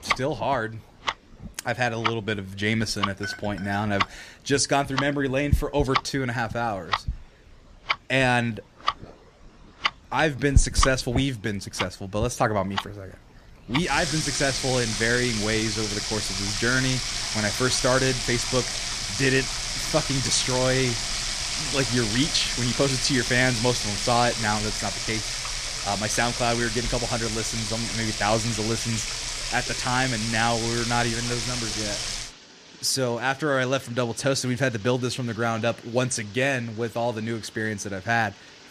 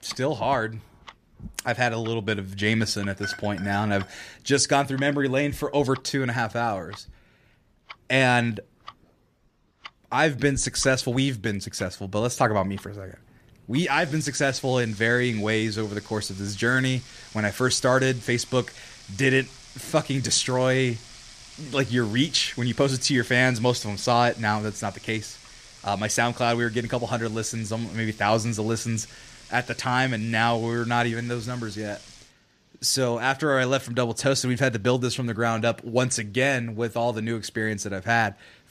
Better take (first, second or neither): second